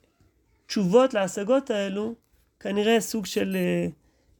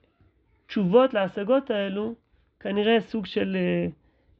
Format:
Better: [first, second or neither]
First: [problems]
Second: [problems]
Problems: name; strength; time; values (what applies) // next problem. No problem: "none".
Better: first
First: none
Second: muffled; very; fading above 3.5 kHz